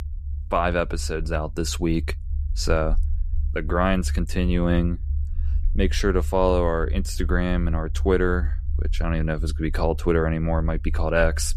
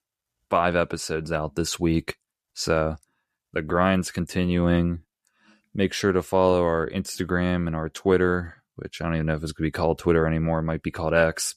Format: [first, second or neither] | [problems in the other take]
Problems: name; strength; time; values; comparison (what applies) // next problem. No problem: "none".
second | low rumble; faint; throughout; 20 dB below the speech